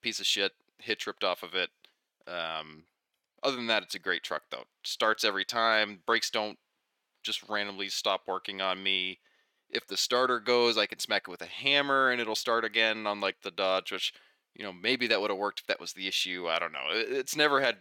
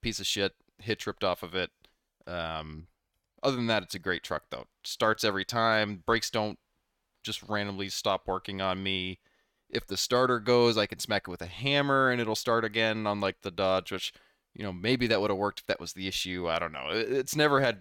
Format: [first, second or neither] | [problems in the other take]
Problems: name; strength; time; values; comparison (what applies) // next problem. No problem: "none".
second | thin; very slightly; fading below 300 Hz